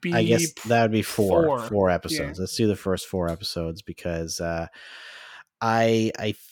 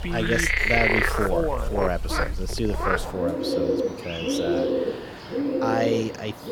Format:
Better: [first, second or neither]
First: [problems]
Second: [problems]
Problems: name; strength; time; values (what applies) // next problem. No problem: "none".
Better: first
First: none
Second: animal sounds; very loud; throughout; 3 dB above the speech